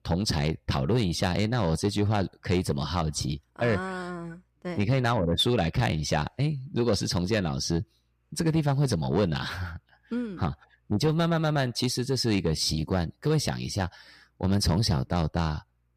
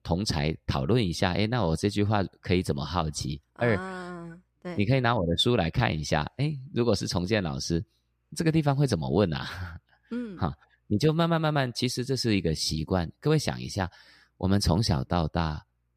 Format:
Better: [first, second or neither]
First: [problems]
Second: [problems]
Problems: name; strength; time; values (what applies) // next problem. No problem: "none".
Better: second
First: distortion; slight; 10 dB below the speech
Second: none